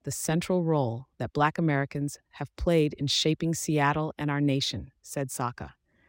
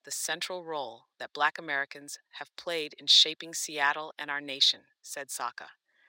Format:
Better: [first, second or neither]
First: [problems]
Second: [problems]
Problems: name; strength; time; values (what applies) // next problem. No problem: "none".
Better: first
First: none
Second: thin; very; fading below 750 Hz